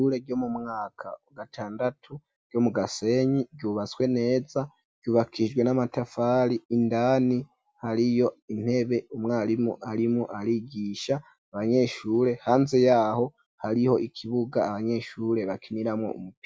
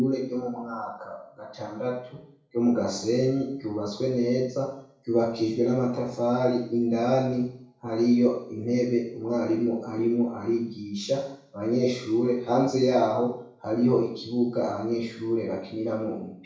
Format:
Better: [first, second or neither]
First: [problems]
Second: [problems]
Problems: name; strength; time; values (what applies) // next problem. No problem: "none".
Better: first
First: none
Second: room echo; dies away in 0.6 s